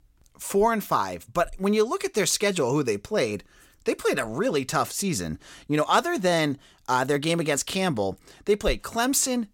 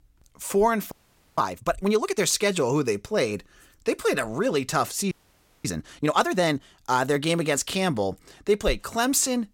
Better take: first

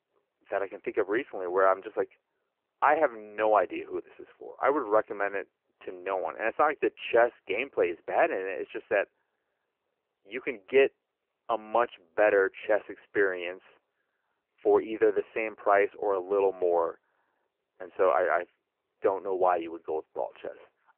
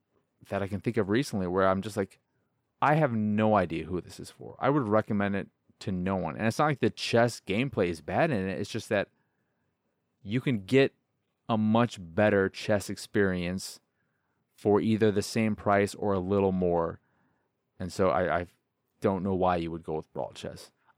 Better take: second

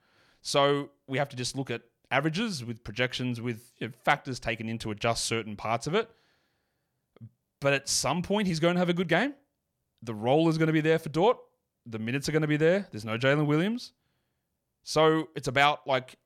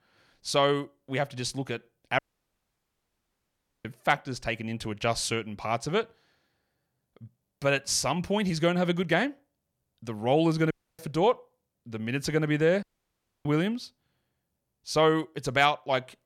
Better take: first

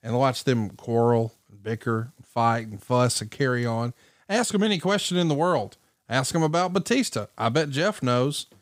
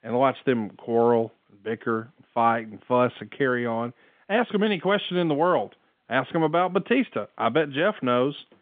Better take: first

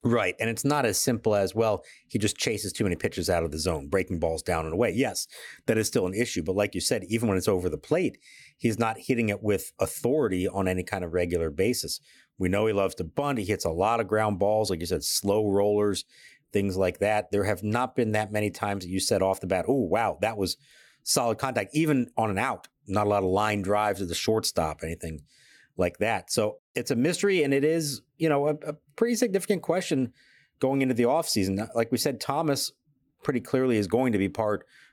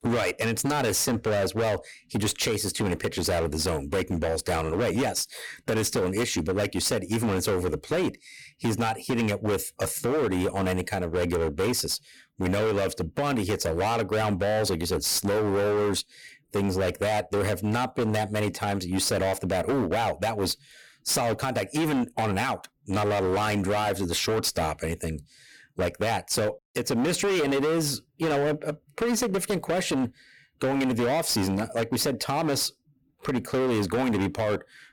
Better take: first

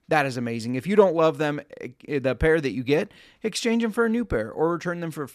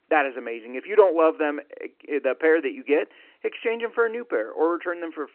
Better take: first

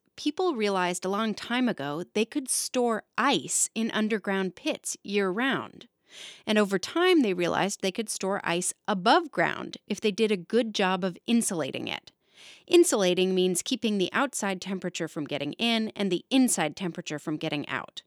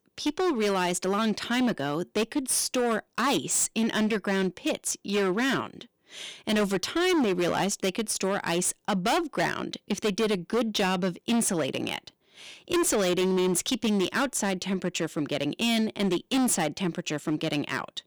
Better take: first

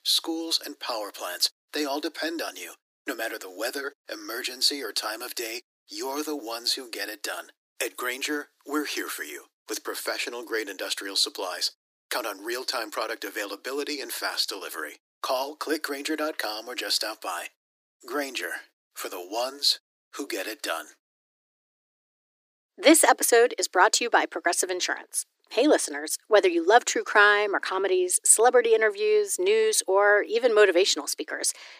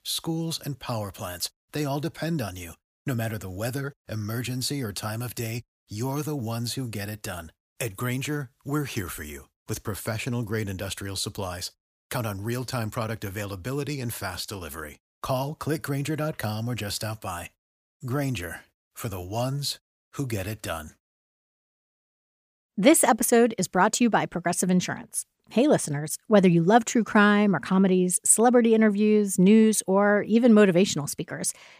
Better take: second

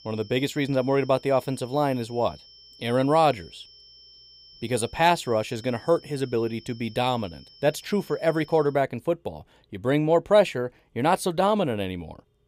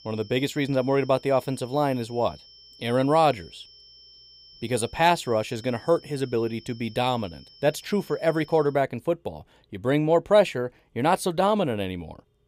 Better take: neither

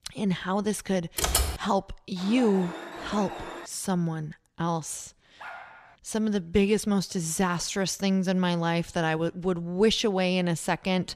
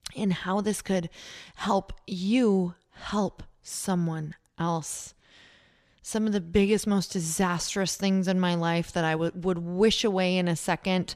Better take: second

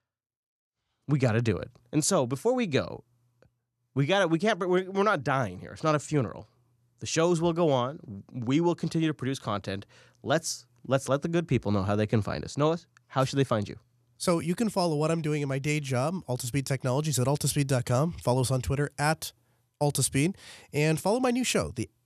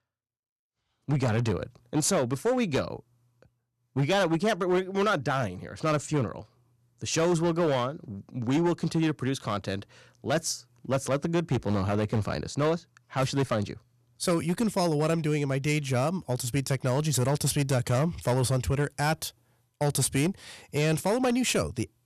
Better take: first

